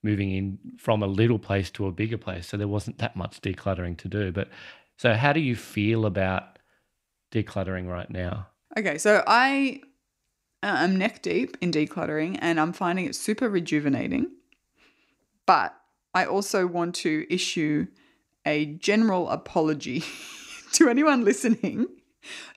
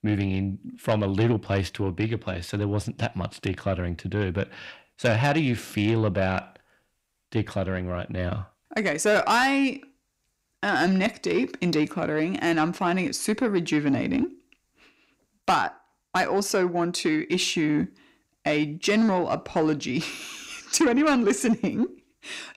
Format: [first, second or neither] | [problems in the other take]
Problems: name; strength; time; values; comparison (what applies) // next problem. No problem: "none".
first | distortion; slight; 10 dB below the speech